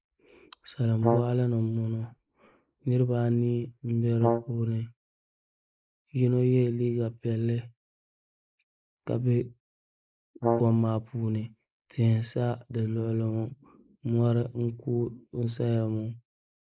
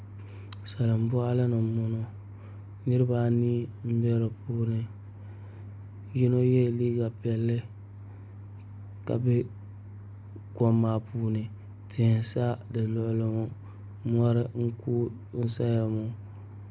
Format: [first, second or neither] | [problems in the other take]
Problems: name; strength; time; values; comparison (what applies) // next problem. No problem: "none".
second | noise reduction (neural mask model Resemble Enhance denoiser)